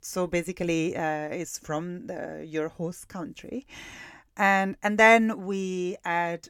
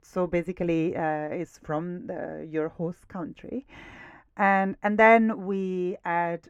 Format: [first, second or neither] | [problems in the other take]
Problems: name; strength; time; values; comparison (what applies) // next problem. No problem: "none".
first | muffled; very; fading above 3 kHz